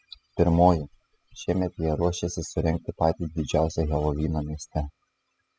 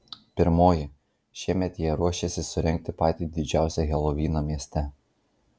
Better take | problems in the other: second | noise reduction (classical method spectral subtraction)

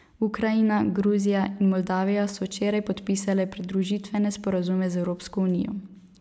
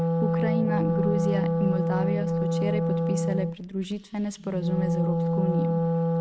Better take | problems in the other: first | noise reduction (neural mask model RNNoise)

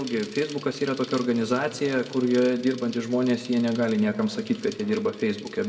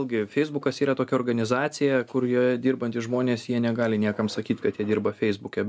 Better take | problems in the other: second | background sound (Bicycle); 20 dB below the speech // room echo; dies away in 1.2 s

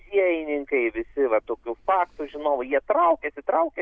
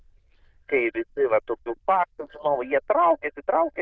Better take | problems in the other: first | noise reduction (neural diffusion model UNIVERSE++)

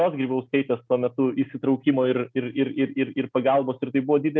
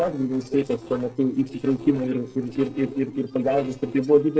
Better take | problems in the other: first | noise reduction (neural separator model SepFormer DNS4)

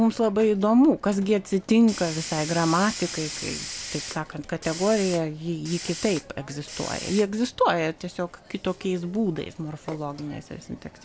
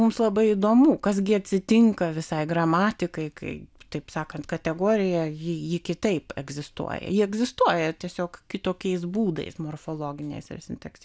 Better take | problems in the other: second | background sound (Hiss); 14 dB below the speech

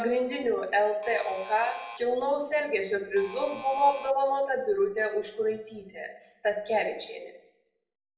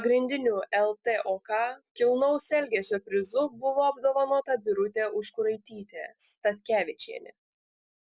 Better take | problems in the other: second | background sound (Alarm); 14 dB below the speech // room echo; dies away in 0.6 s

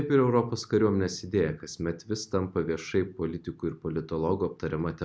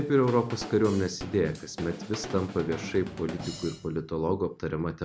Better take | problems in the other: first | background sound (Drum / Drum kit); 13 dB below the speech

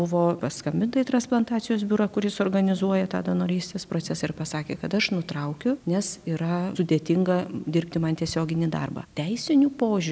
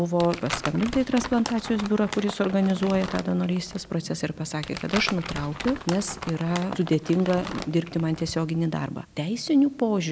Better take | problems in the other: first | background sound (Crumpling, crinkling); 11 dB below the speech

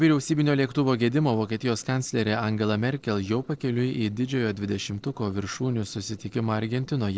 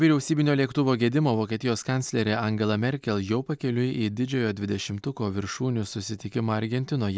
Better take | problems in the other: second | noise reduction (neural separator model SepFormer DNS4)

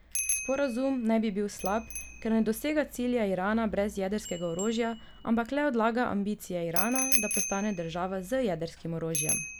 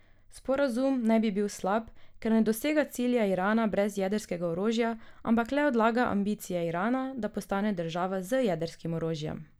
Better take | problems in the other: second | background sound (Bicycle bell); 6 dB below the speech

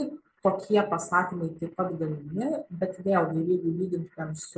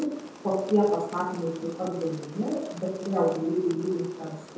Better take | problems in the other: first | background sound (Rain); 17 dB below the speech // room echo; dies away in 0.7 s

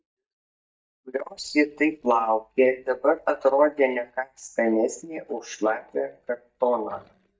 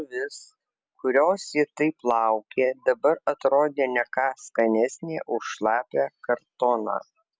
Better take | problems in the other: second | noise reduction (neural mask model DeepFilterNet 3)

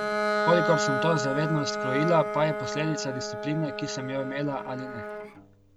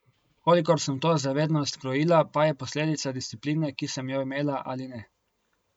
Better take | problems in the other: second | background sound (Bowed string instrument); 2 dB below the speech

